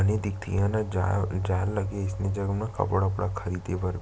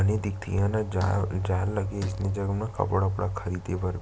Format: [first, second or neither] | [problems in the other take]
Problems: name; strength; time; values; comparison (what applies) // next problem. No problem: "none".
first | background sound (Fart); 17 dB below the speech